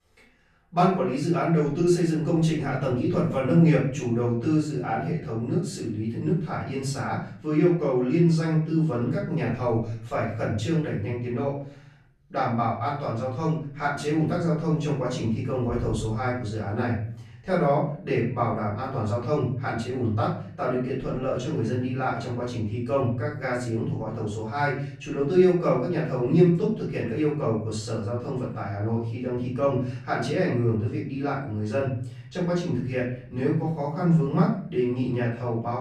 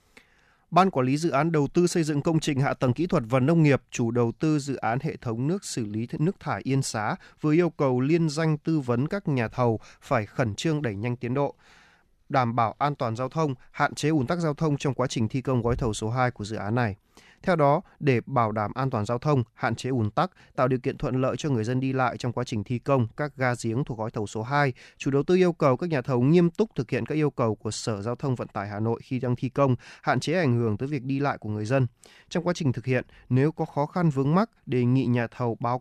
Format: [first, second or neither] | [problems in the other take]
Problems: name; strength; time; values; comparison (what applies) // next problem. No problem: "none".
second | off-mic speech; far // room echo; noticeable; dies away in 0.6 s